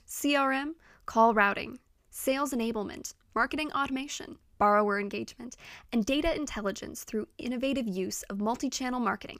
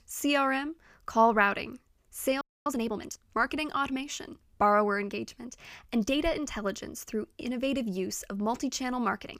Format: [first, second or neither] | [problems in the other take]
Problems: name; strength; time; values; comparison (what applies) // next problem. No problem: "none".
first | audio freezing; at 2.5 s